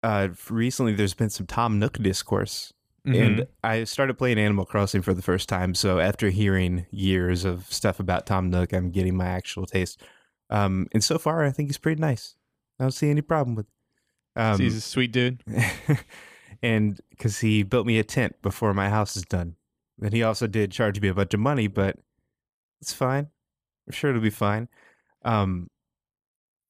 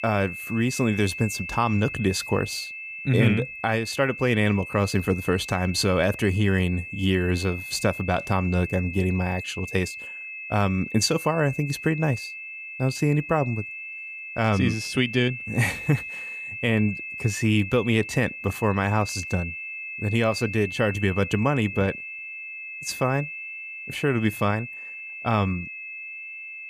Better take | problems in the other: first | high-pitched whine; loud; throughout; 2.5 kHz, 9 dB below the speech

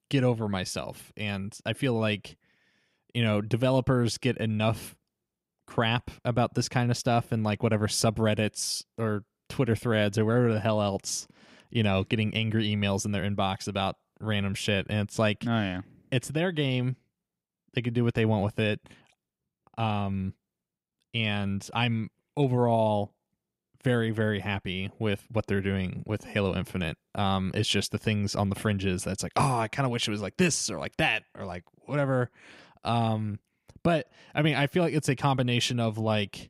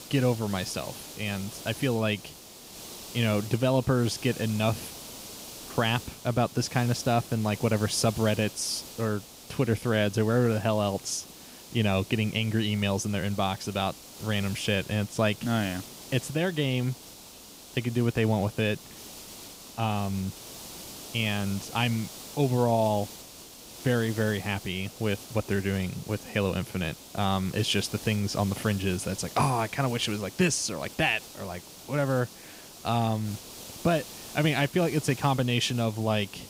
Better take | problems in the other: first | hiss; noticeable; throughout; 15 dB below the speech

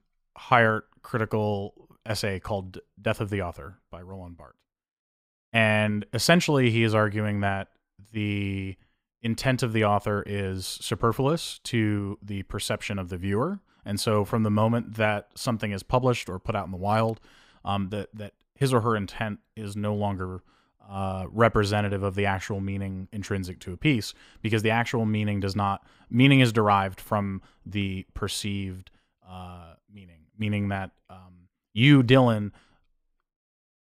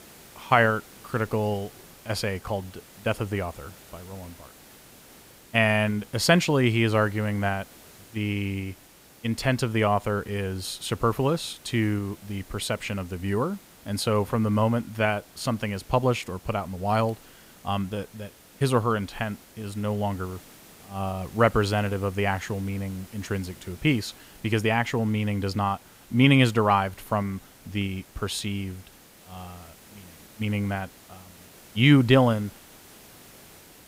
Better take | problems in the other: first | hiss; faint; throughout; 25 dB below the speech

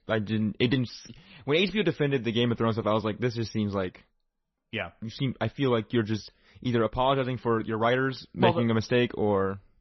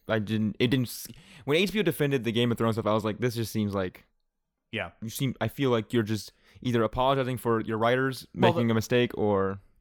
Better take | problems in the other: second | garbled, watery; slightly; nothing above 6 kHz

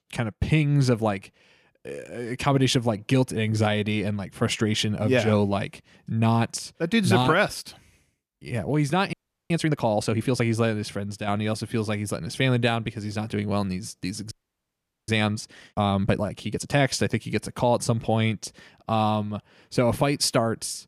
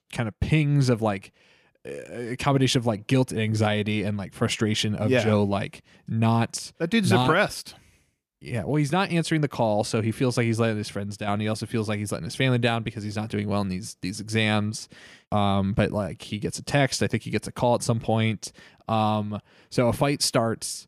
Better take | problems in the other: second | audio freezing; at 9 s and at 14 s for 1 s

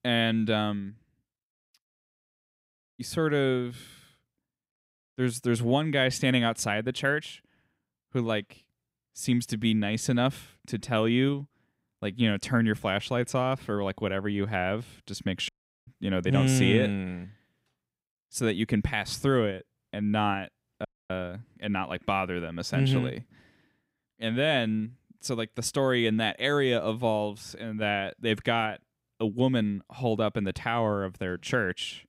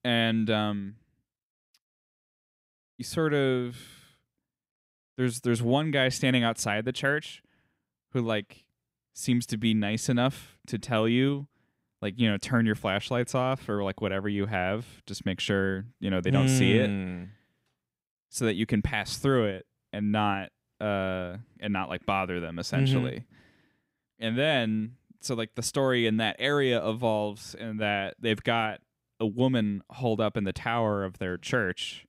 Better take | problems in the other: second | audio cutting out; at 15 s and at 21 s

